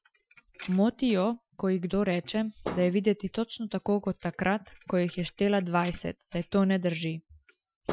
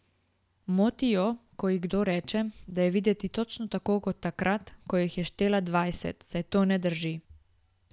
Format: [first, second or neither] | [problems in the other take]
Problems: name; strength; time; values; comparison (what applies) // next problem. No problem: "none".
second | noise reduction (classical method Wiener filter)